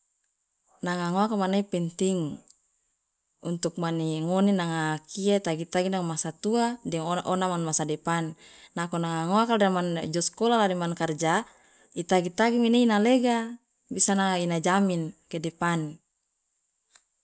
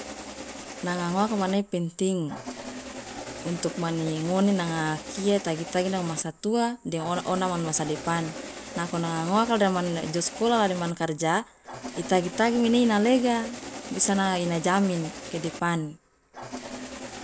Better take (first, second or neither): first